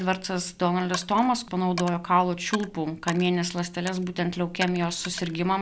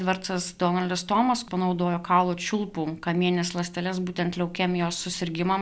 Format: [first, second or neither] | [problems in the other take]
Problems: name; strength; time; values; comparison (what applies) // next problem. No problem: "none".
second | background sound (Coin (dropping)); 15 dB below the speech